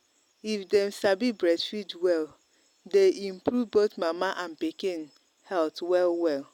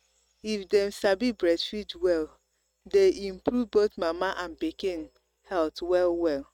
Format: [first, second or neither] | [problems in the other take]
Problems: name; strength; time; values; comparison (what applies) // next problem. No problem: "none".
first | noise reduction (neural mask model RNNoise)